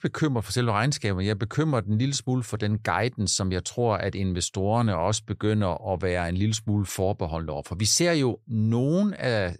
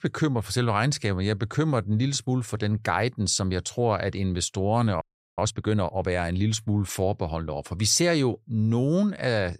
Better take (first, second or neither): first